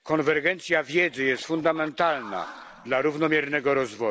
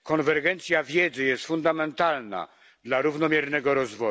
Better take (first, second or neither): second